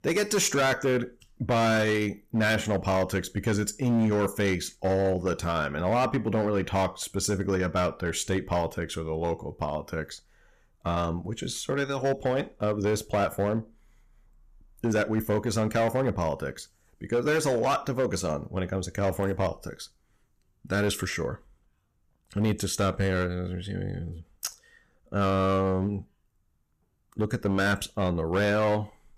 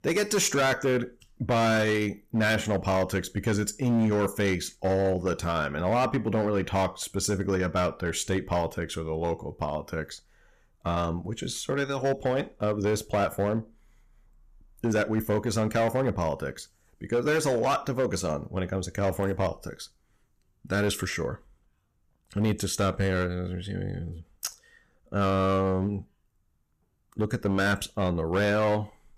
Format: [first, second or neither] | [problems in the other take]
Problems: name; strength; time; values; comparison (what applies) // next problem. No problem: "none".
neither | distortion; slight; 8% of the sound clipped; the same in both